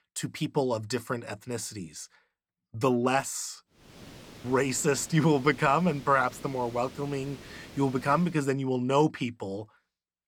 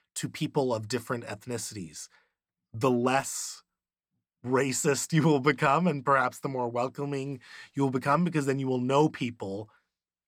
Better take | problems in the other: second | hiss; noticeable; from 4 to 8.5 s; 20 dB below the speech

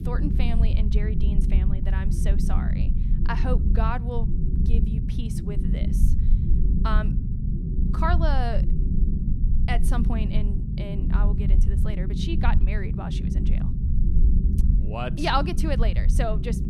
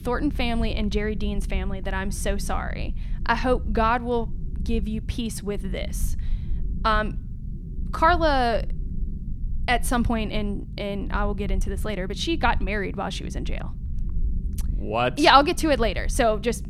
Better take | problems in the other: second | low rumble; loud; throughout; 7 dB below the speech; faint in the second

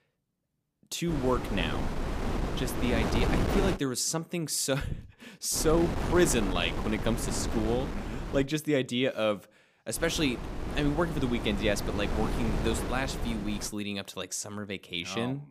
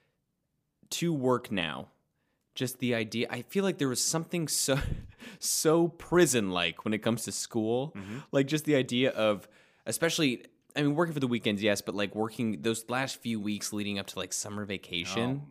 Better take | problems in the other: second | wind noise on the microphone; heavy; from 1 to 4 s, from 5.5 to 8.5 s and from 10 to 14 s; 5 dB below the speech

